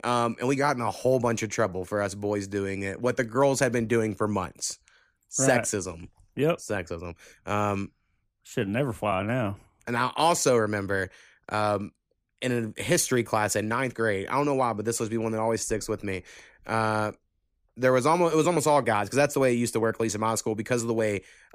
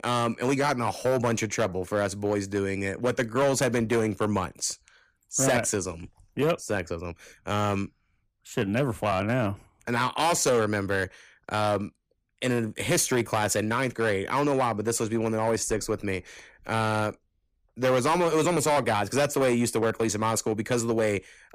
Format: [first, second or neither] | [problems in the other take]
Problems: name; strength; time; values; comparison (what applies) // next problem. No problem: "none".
first | distortion; slight; 6% of the sound clipped